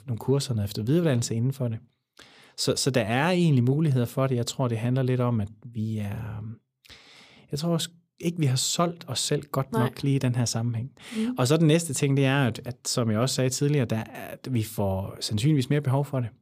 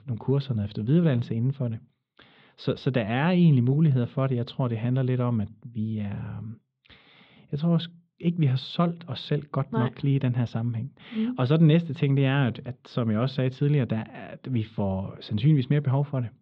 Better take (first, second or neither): first